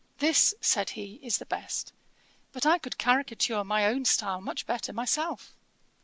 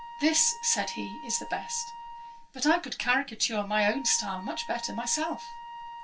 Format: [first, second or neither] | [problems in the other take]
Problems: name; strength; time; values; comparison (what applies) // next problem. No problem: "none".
first | background sound (Wind instrument, woodwind instrument); 13 dB below the speech // room echo; dies away in 0.2 s